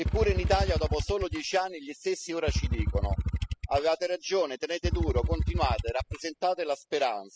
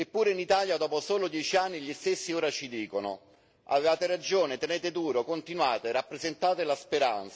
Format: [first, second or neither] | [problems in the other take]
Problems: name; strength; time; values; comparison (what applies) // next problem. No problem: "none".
second | noise reduction (classical method spectral subtraction)